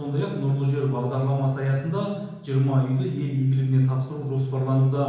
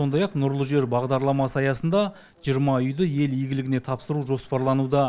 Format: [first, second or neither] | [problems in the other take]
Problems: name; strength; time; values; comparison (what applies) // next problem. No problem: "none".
second | room echo; dies away in 1 s